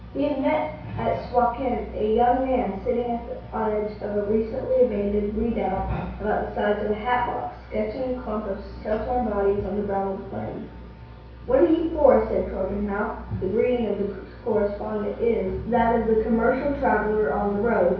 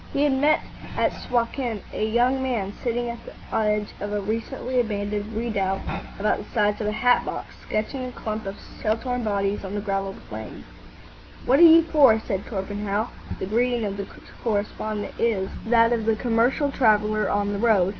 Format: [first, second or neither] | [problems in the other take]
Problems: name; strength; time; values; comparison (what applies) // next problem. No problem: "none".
second | room echo; dies away in 0.6 s